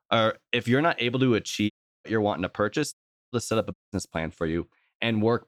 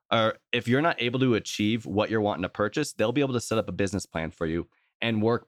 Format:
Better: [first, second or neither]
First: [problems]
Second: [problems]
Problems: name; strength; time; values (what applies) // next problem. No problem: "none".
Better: second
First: audio cutting out; at 1.5 s, at 3 s and at 3.5 s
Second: none